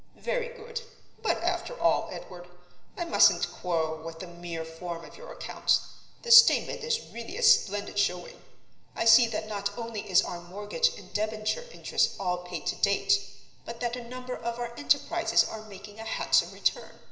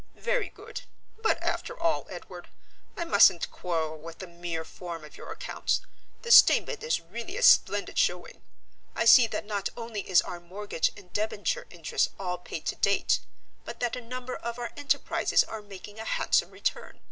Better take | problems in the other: second | room echo; dies away in 0.9 s

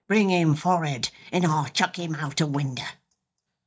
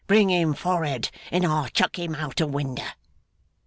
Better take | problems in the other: second | noise reduction (neural mask model DeepFilterNet 3)

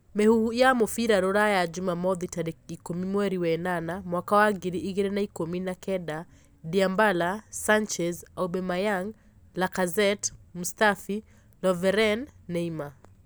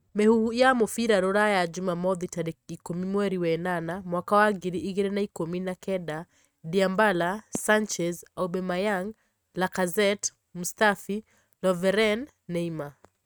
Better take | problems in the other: first | noise reduction (neural mask model RNNoise)

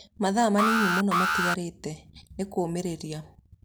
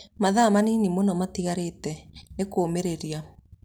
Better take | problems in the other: second | background sound (Alarm); 1 dB above the speech

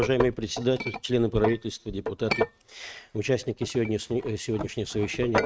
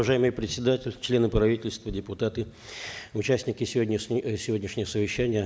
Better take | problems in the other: second | noise reduction (neural mask model RNNoise)

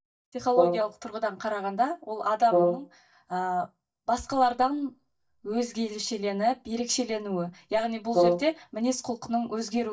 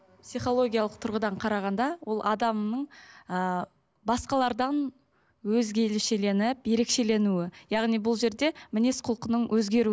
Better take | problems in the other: second | noise reduction (neural mask model DeepFilterNet 3)

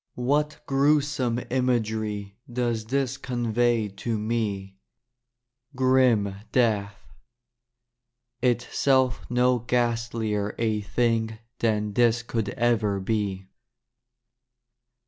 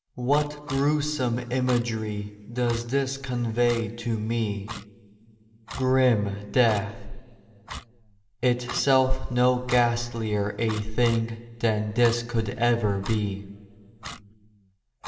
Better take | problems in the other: first | background sound (Clock); 17 dB below the speech // room echo; dies away in 1.9 s

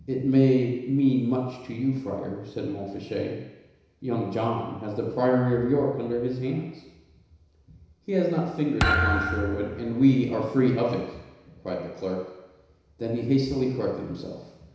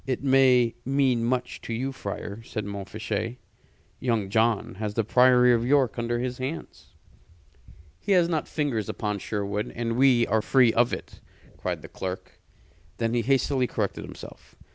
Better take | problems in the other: second | background sound (Thump, thud); 1 dB below the speech // room echo; dies away in 1 s

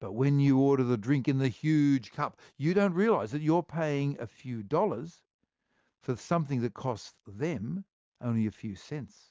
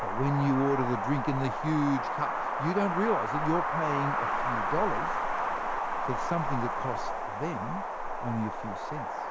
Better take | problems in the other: first | background sound (Wind); 1 dB above the speech

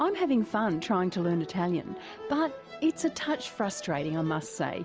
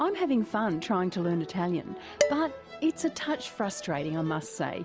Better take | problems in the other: first | background sound (Dishes, pots, and pans); 6 dB below the speech

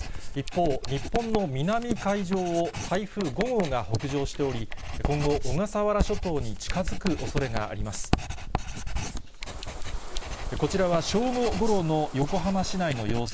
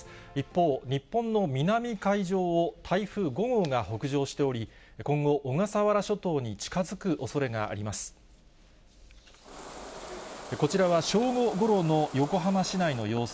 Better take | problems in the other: second | noise reduction (neural mask model Resemble Enhance denoiser)

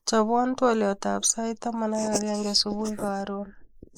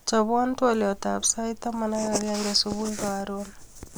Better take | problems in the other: second | noise reduction (neural mask model Resemble Enhance denoiser)

